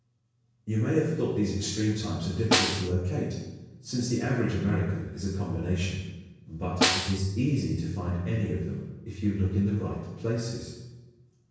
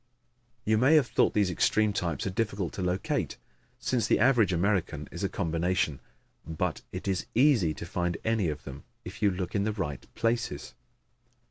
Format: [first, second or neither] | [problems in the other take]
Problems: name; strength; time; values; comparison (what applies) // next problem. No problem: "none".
second | background sound (Snare drum); 2 dB below the speech // room echo; dies away in 1 s